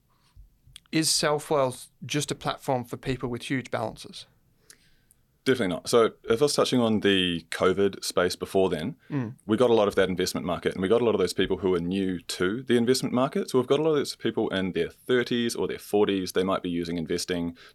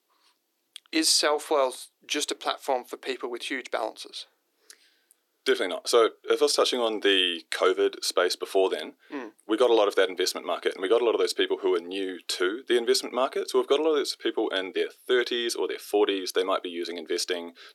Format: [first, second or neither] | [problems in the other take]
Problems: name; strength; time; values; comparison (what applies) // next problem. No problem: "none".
first | thin; somewhat; fading below 300 Hz